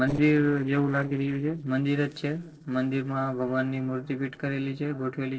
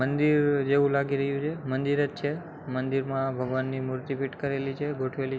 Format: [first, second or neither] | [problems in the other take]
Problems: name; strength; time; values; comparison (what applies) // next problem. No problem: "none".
second | noise reduction (neural separator model SepFormer DNS4)